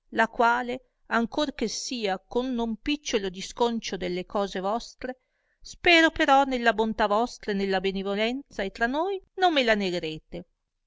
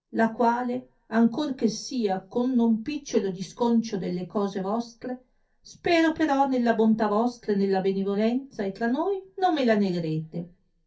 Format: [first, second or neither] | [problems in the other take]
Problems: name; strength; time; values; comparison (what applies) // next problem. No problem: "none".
first | room echo; dies away in 0.3 s